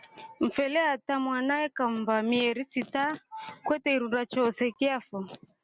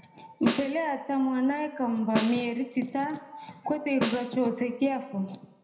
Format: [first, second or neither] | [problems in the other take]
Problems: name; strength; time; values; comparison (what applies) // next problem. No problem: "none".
first | background sound (Snare drum); 8 dB below the speech // room echo; dies away in 0.8 s